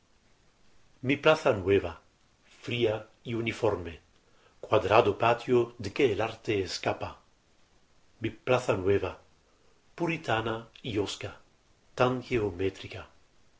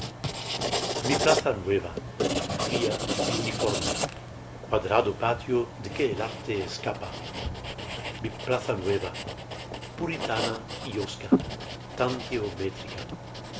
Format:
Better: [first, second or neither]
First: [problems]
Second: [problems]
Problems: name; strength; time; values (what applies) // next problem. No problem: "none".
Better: first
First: none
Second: background sound (Writing); 1 dB below the speech